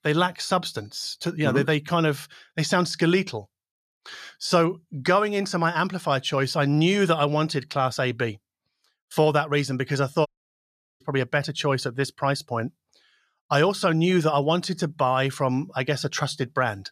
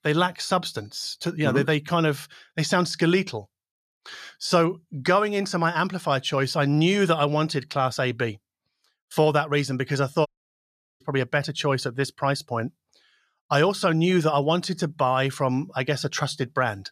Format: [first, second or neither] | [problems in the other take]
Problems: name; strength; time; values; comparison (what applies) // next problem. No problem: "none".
neither | audio cutting out; at 10 s for 0.5 s; the same in both